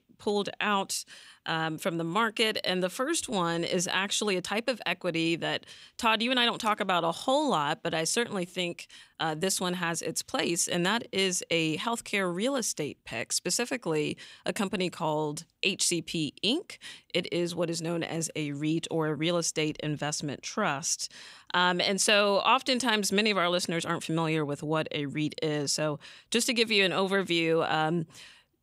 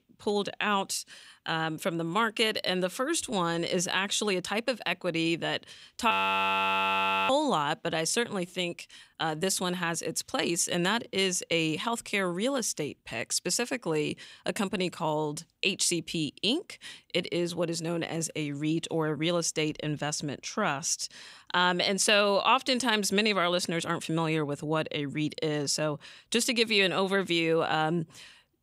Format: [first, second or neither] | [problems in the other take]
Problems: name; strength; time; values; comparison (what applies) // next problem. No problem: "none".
first | audio freezing; at 6 s for 1 s